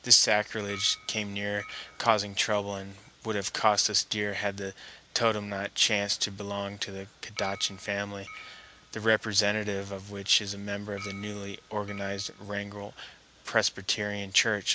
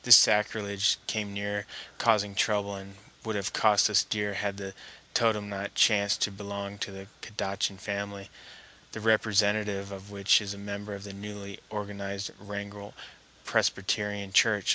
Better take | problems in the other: second | background sound (Chink, clink); 18 dB below the speech

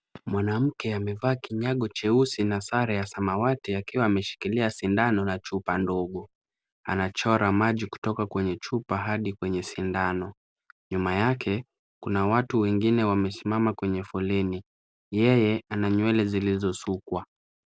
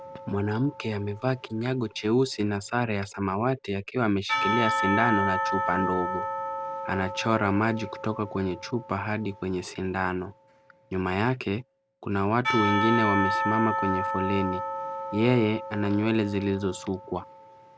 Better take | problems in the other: first | background sound (Church bell / Percussion); 4 dB below the speech

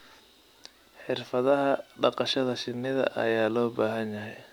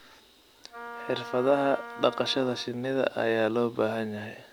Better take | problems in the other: first | background sound (Wind instrument, woodwind instrument); 14 dB below the speech

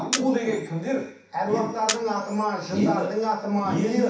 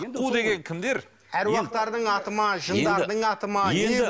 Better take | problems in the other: second | background sound (Camera); 11 dB below the speech // room echo; dies away in 0.7 s

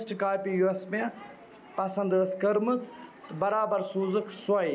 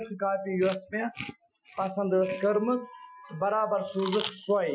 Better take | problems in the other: first | noise reduction (classical method Wiener filter)

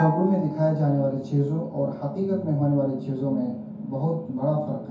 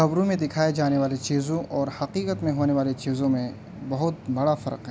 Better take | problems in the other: second | background sound (Bell); 15 dB below the speech // room echo; dies away in 0.6 s

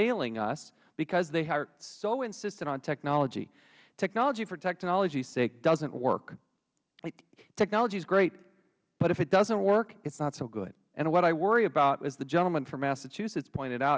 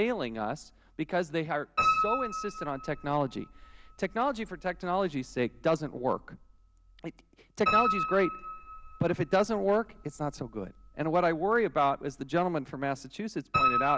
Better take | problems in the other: first | background sound (Piano); 5 dB below the speech

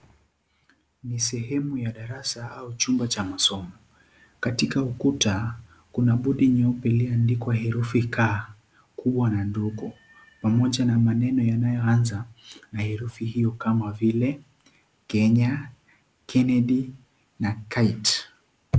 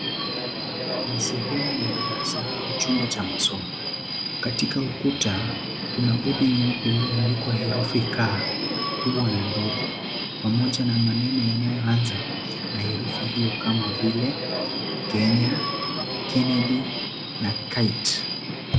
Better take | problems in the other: first | background sound (Subway, metro, underground); 3 dB below the speech

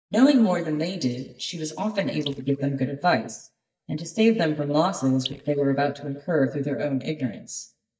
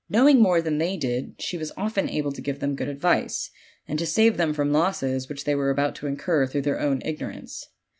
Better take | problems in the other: second | noise reduction (neural mask model DeepFilterNet 3)

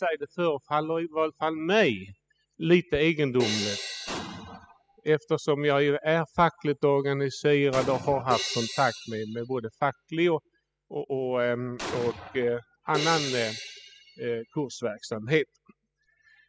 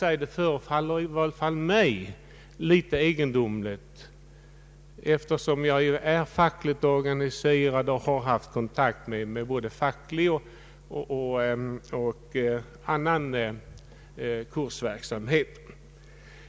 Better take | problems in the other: second | noise reduction (classical method spectral subtraction)

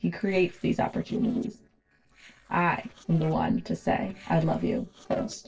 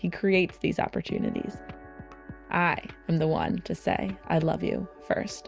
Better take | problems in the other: second | noise reduction (neural separator model SepFormer DNS4)

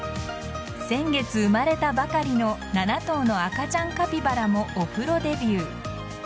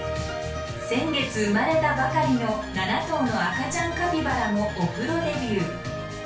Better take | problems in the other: first | room echo; dies away in 0.3 s

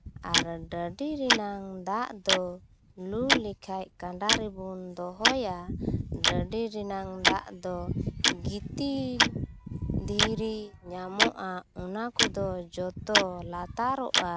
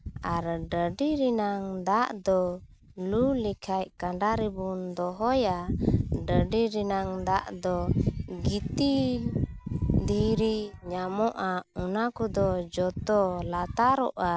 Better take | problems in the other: second | background sound (Tick-tock); 1 dB above the speech

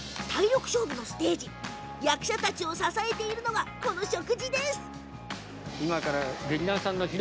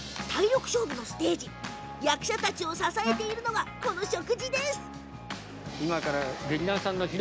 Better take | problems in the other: first | background sound (Wind instrument, woodwind instrument); 4 dB below the speech

